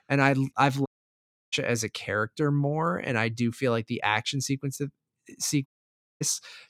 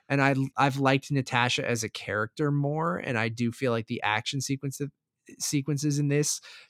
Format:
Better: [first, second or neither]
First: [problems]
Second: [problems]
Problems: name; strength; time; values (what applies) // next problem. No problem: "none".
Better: second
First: audio cutting out; at 1 s for 0.5 s and at 5.5 s for 0.5 s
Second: none